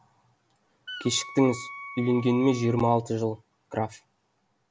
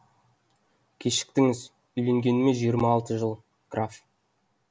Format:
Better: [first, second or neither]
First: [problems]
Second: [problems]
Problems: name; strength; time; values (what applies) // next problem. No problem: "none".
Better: second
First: background sound (Wind instrument, woodwind instrument); 14 dB below the speech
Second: none